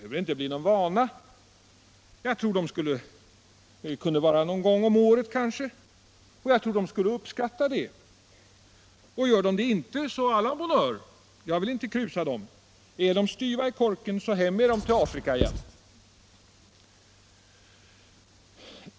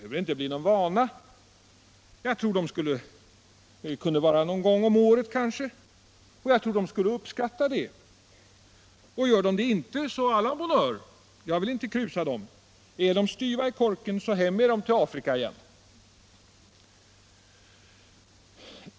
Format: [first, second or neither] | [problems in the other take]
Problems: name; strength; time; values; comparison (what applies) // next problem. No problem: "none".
second | background sound (Writing); 6 dB below the speech